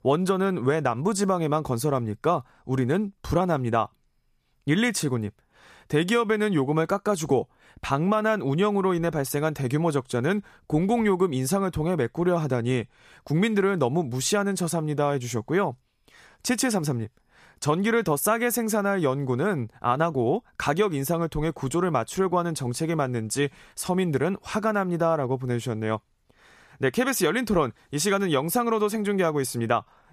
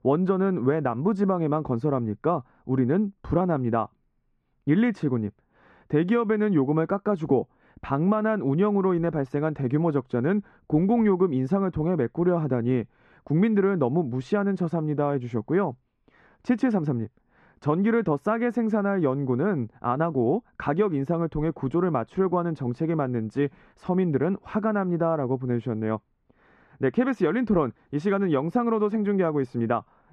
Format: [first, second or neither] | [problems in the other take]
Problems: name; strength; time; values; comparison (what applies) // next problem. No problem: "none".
first | muffled; very; fading above 1.5 kHz